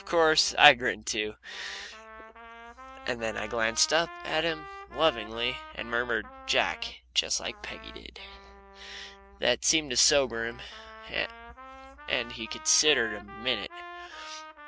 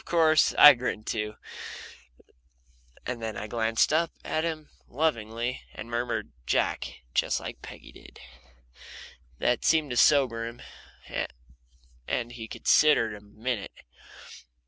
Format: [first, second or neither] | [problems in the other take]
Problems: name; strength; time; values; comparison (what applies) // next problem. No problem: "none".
second | background sound (Trumpet); 17 dB below the speech